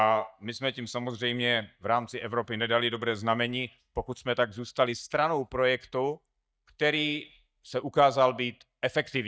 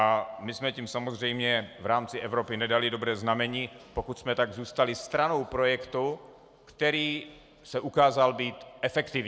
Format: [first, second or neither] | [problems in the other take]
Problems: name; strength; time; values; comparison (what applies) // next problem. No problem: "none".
second | noise reduction (neural mask model DeepFilterNet 3)